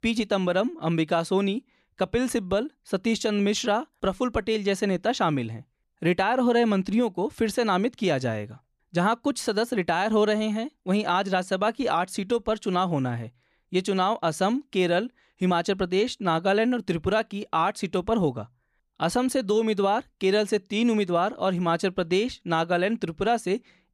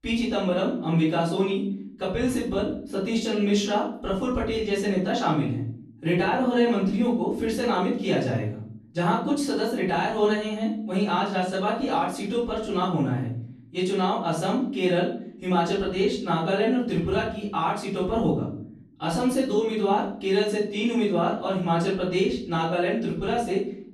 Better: first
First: none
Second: off-mic speech; far // room echo; noticeable; dies away in 0.7 s

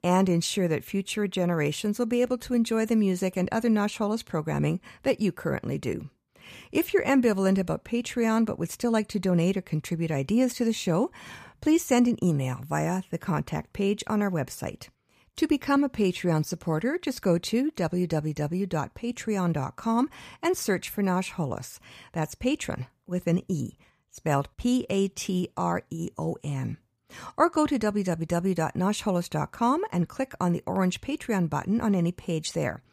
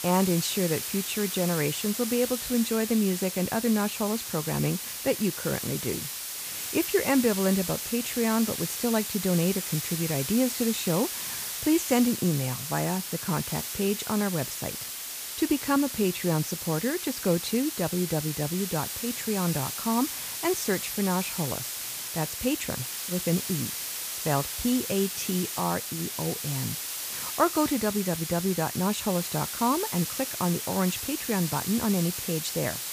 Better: first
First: none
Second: hiss; loud; throughout; 3 dB below the speech

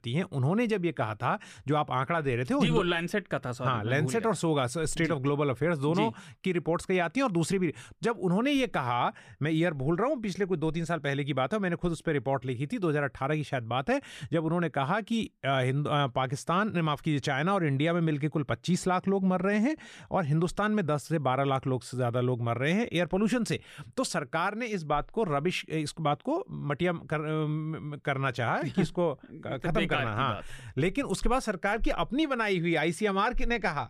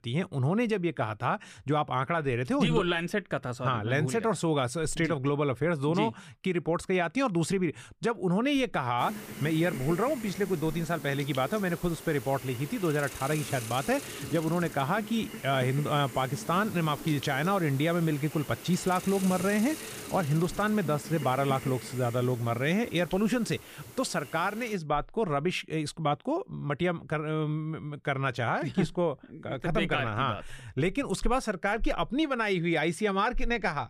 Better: first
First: none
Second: hiss; noticeable; from 9 to 25 s; 10 dB below the speech

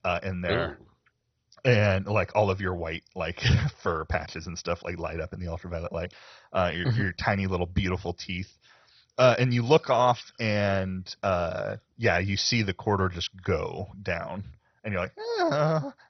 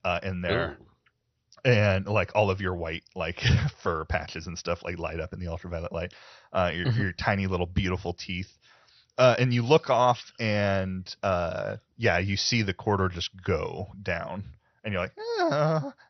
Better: second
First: garbled, watery; badly; nothing above 6 kHz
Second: garbled, watery; slightly; nothing above 6 kHz

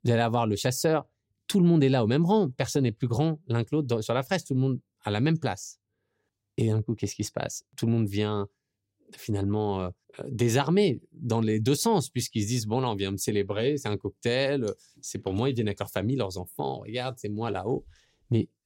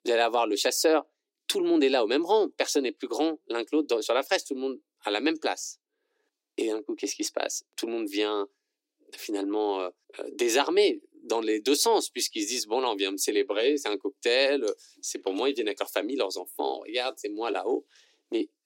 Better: first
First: none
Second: thin; somewhat; fading below 300 Hz

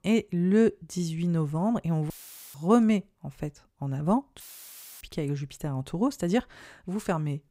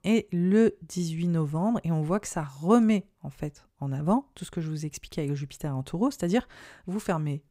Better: second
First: audio cutting out; filled with static; at 2 s and at 4.5 s for 0.5 s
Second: none

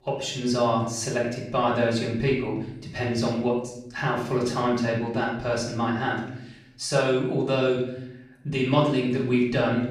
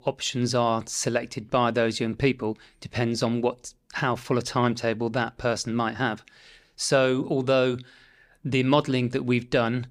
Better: second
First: off-mic speech; far // room echo; noticeable; dies away in 0.7 s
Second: none

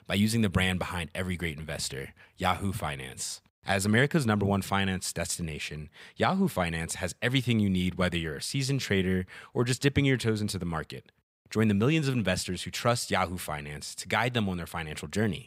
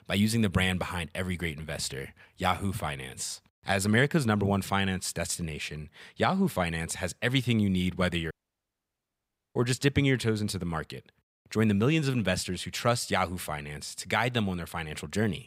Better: first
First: none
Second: audio cutting out; at 8.5 s for 1 s

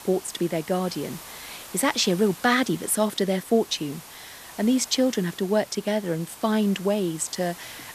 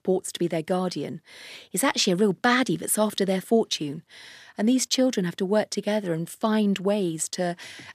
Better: second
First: hiss; noticeable; throughout; 15 dB below the speech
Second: none

